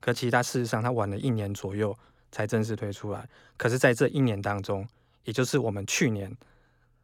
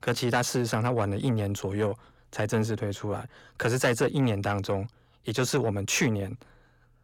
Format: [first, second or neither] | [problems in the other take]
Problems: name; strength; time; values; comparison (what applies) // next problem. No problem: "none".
first | distortion; slight; 10 dB below the speech